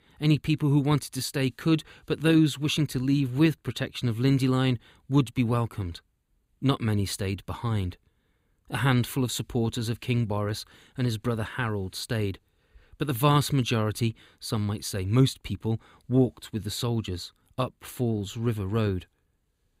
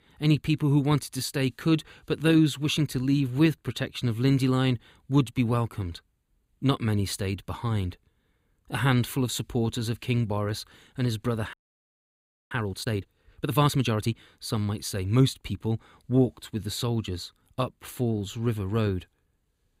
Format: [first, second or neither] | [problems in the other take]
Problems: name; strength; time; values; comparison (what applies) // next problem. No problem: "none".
first | audio freezing; at 12 s for 1 s